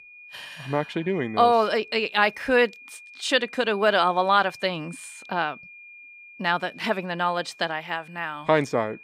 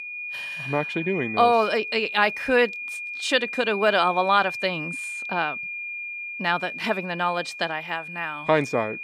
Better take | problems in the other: first | high-pitched whine; loud; throughout; 2.5 kHz, 7 dB below the speech; faint in the first

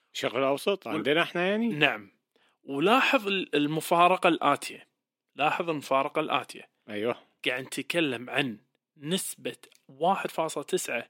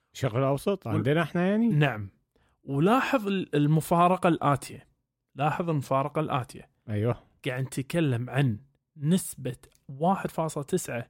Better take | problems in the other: second | thin; somewhat; fading below 250 Hz

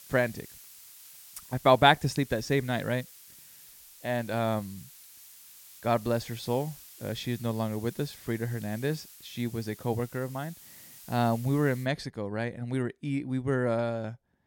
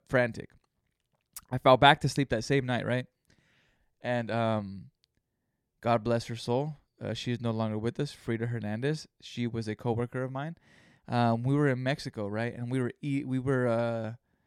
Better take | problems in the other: second | hiss; noticeable; until 12 s; 20 dB below the speech

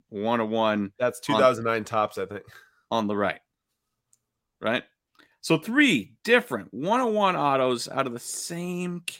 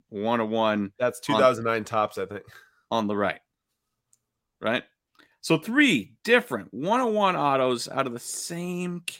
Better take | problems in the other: neither | none

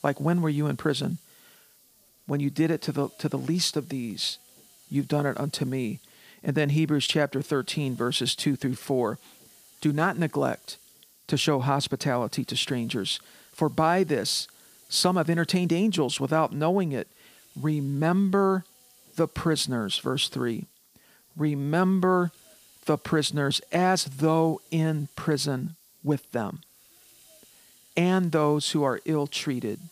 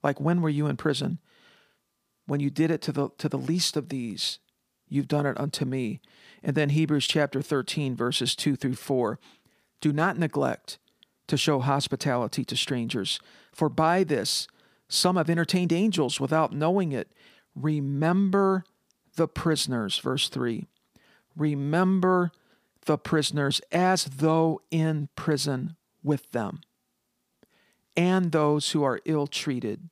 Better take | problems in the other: second | hiss; faint; throughout; 25 dB below the speech

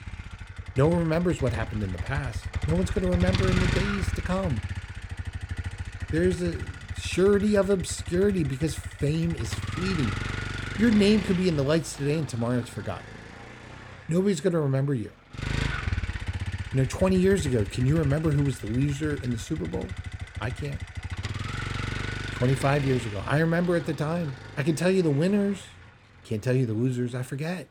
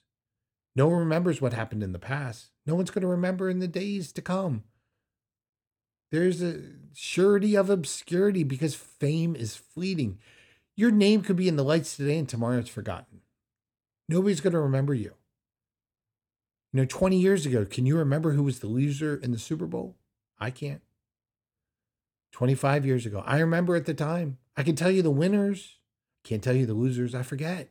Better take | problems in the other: second | traffic noise; loud; throughout; 8 dB below the speech

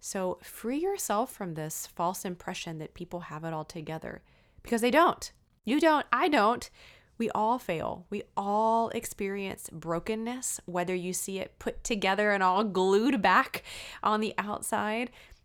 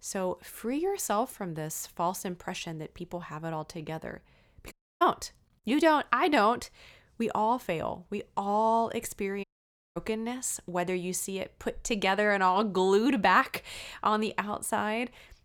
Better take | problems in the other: first | audio cutting out; at 4.5 s and at 9.5 s for 0.5 s

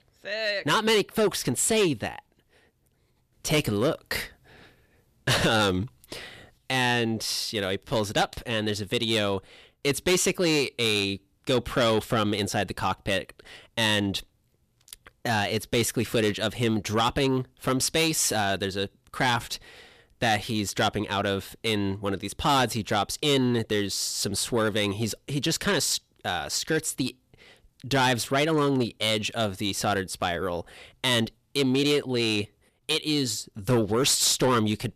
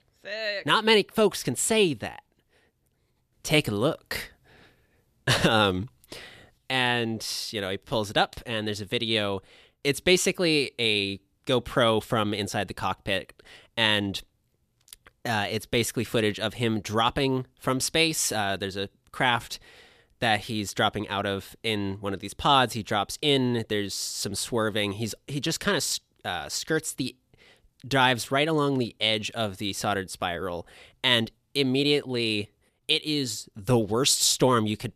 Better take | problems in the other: second | distortion; slight; 10 dB below the speech

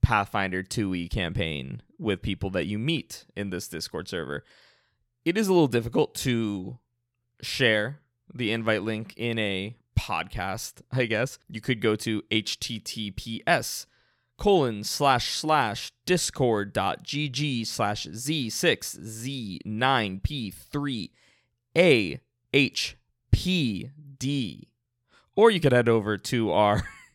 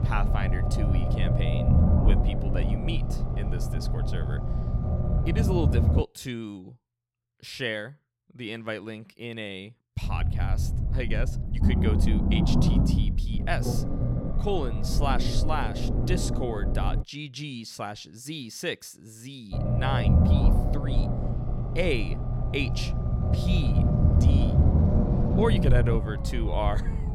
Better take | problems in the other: first | low rumble; loud; until 6 s, from 10 to 17 s and from 20 s on; 2 dB below the speech

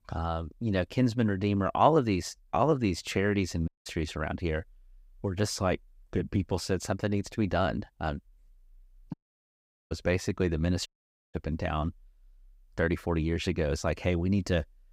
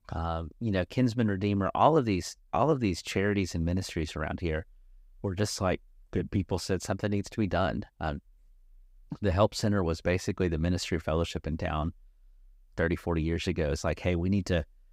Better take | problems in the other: second | audio cutting out; at 3.5 s, at 9 s for 1 s and at 11 s

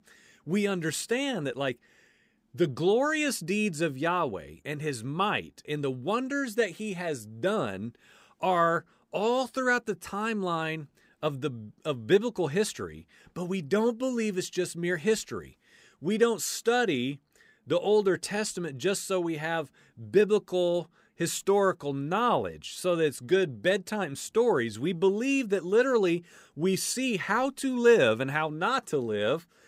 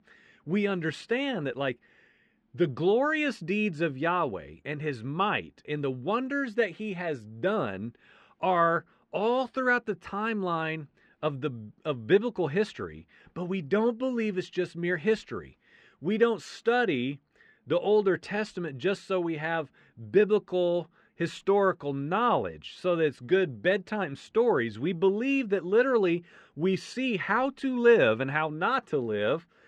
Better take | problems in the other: first | muffled; slightly; fading above 2.5 kHz

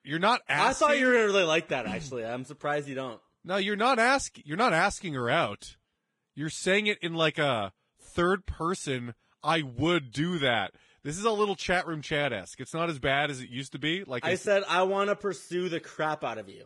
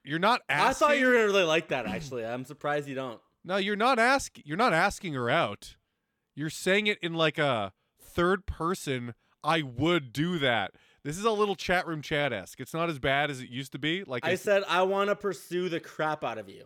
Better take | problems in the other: second | garbled, watery; badly

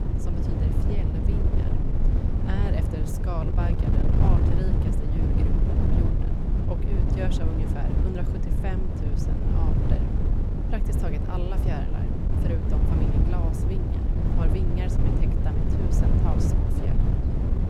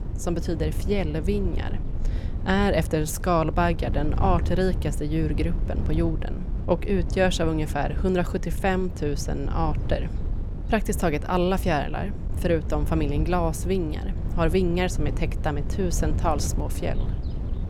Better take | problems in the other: second | wind noise on the microphone; heavy; 3 dB above the speech; occasional gusts in the second

